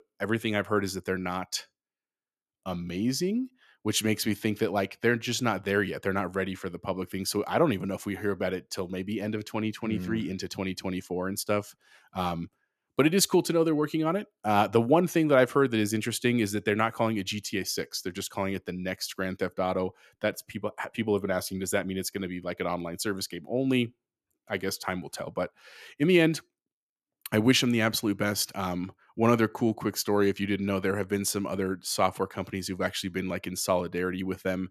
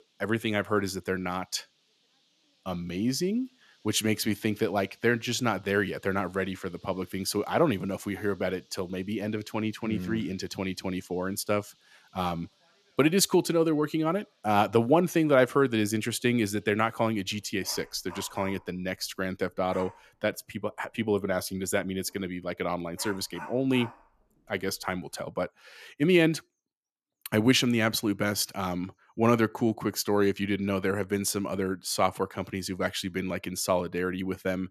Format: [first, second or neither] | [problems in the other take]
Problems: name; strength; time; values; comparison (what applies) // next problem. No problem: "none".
first | animal sounds; faint; throughout; 25 dB below the speech